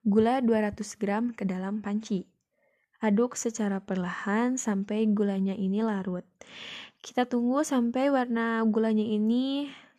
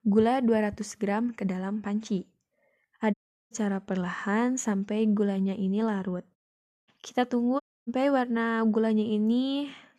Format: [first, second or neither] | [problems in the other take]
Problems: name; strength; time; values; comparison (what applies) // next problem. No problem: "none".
first | audio cutting out; at 3 s, at 6.5 s for 0.5 s and at 7.5 s